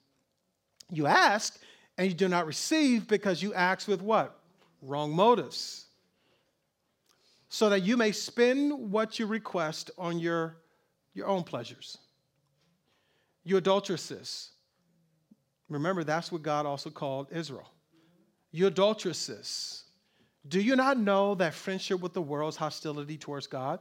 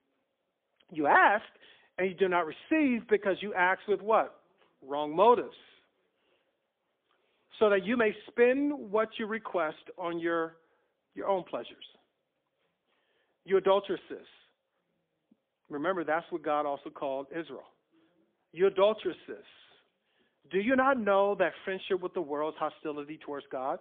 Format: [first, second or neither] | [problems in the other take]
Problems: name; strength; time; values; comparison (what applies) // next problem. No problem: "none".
first | phone-call audio; poor line; nothing above 3.5 kHz